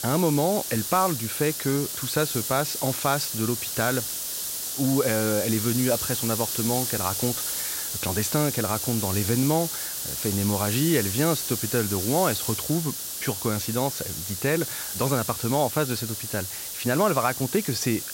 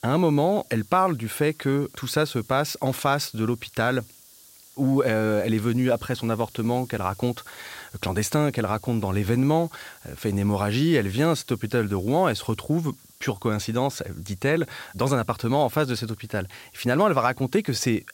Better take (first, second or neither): second